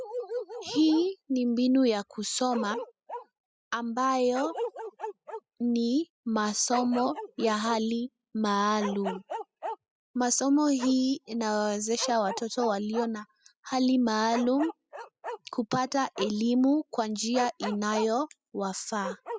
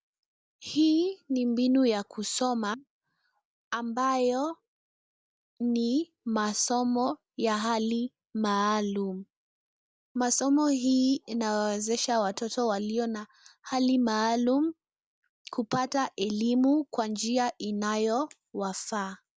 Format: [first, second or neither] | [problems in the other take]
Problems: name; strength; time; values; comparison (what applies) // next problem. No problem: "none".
second | noise reduction (classical method spectral subtraction)